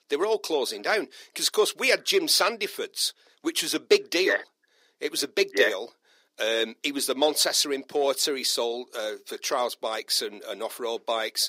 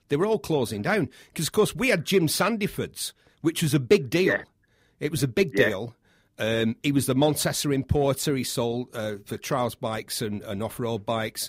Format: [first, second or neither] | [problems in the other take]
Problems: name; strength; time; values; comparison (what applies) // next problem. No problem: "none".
second | thin; somewhat; fading below 350 Hz